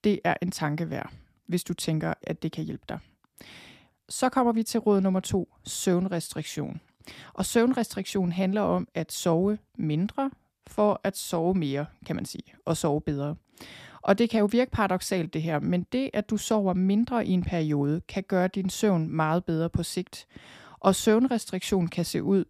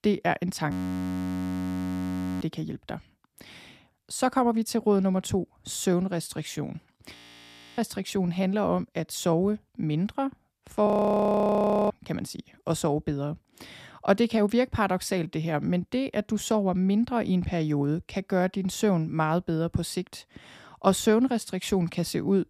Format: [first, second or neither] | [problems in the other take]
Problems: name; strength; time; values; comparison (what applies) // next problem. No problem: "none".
first | audio freezing; at 0.5 s for 1.5 s, at 7 s for 0.5 s and at 11 s for 1 s